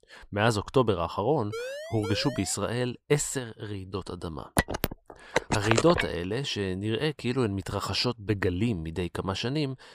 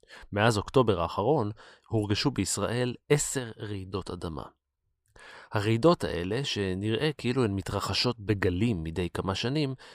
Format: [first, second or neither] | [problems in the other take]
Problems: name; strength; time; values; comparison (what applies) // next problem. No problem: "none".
second | siren; noticeable; from 1.5 to 2.5 s; peak 7 dB below the speech // phone ringing; loud; from 4.5 to 6 s; peak 2 dB above the speech